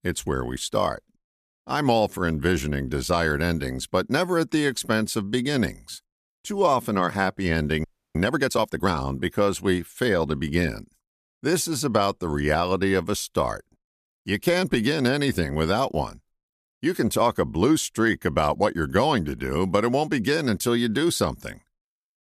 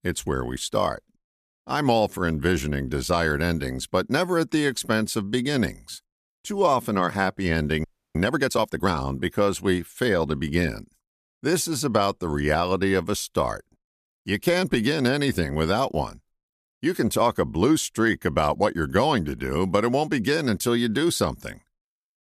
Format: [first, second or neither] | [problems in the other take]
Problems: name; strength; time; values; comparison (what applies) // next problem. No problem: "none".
neither | audio freezing; at 8 s; the same in both